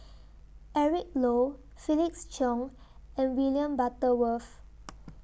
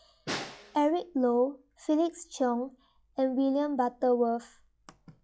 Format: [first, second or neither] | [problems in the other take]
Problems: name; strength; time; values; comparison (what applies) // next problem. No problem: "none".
first | noise reduction (classical method log-MMSE)